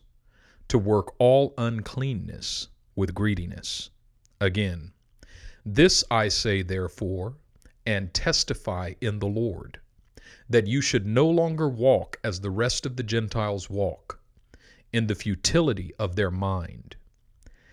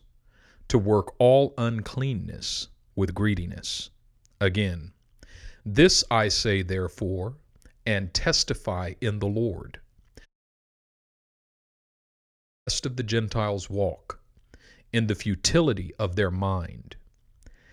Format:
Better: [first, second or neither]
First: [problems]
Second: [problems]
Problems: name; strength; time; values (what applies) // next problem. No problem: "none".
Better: first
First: none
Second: audio cutting out; at 10 s for 2.5 s